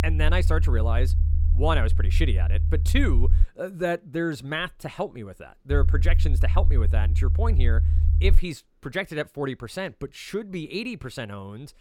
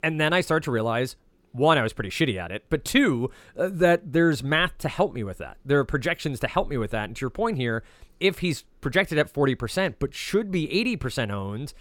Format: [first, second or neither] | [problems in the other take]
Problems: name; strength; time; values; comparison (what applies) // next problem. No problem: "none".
second | low rumble; noticeable; until 3.5 s and from 5.5 to 8.5 s; 10 dB below the speech